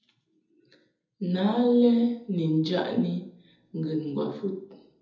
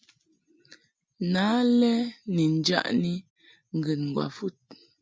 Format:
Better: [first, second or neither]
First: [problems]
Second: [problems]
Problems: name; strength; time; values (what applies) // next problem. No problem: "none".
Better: second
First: room echo; dies away in 0.7 s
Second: none